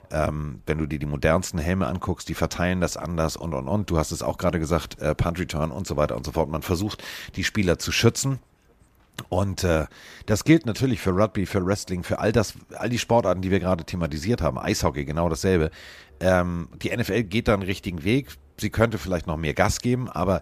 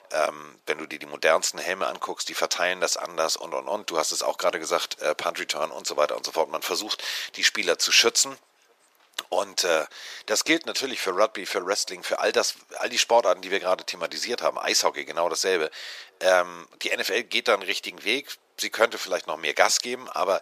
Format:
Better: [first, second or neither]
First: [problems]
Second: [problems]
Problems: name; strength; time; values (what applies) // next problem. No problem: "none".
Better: first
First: none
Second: thin; very; fading below 450 Hz